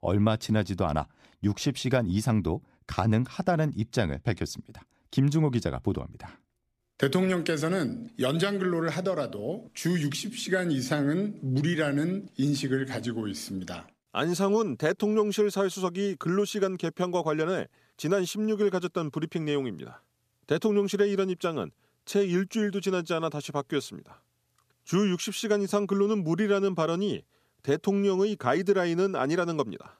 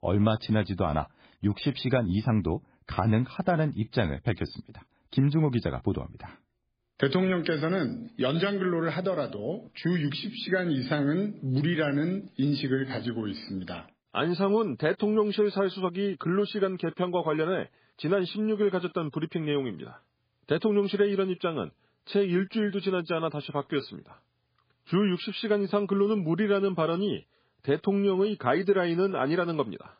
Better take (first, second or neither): first